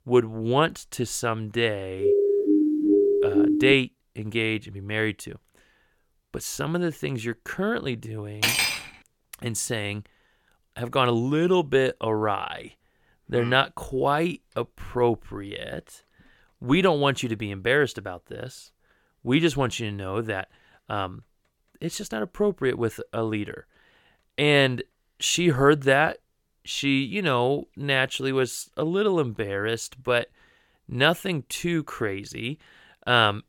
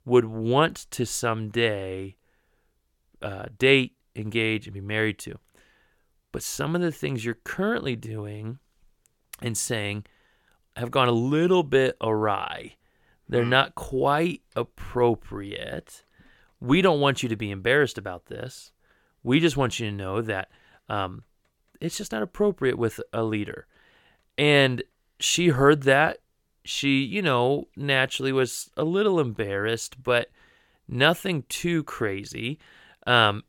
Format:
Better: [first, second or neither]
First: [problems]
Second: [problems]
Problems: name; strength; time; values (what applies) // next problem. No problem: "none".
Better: second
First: siren; loud; from 2 to 3.5 s; peak 5 dB above the speech // clattering dishes; loud; at 8.5 s; peak 4 dB above the speech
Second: none